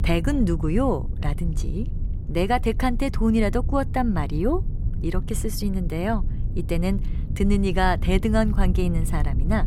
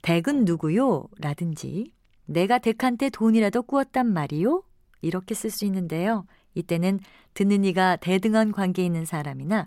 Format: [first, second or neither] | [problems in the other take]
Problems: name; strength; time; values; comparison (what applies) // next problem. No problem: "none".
second | low rumble; noticeable; throughout; 15 dB below the speech